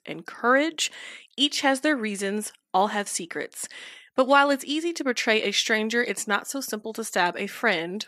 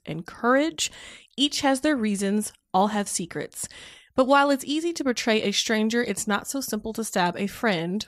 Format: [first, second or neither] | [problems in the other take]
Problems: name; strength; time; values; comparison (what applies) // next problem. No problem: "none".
second | thin; very slightly; fading below 300 Hz